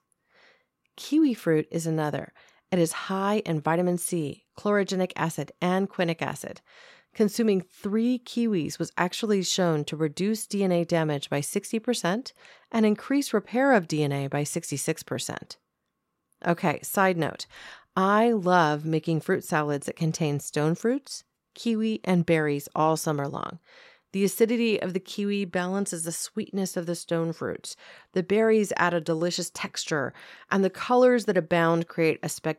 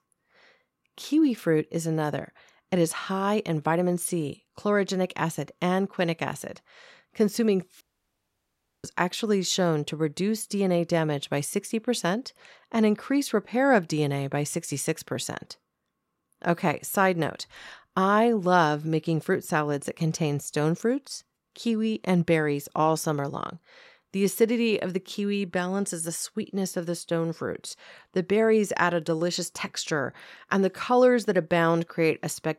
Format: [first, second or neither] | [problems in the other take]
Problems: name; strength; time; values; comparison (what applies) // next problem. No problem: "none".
first | audio cutting out; at 8 s for 1 s